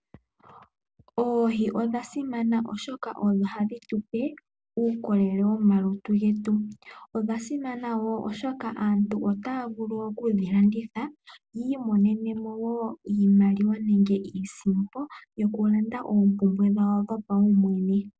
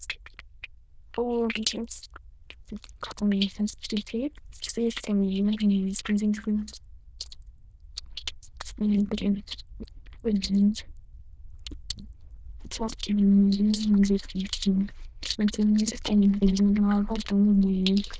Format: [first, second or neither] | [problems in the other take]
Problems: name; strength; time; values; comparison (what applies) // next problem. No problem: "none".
first | noise reduction (neural diffusion model UNIVERSE++)